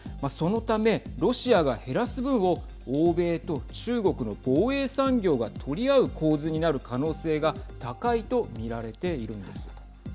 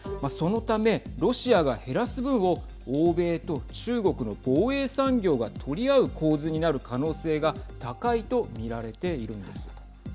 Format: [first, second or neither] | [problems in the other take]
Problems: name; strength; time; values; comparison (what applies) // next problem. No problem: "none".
first | background sound (Bowed string instrument); 20 dB below the speech